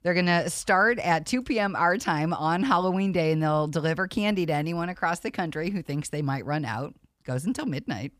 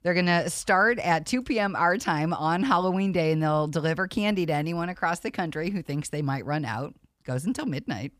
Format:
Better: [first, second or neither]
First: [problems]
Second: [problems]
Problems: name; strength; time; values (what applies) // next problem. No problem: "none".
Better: neither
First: none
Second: none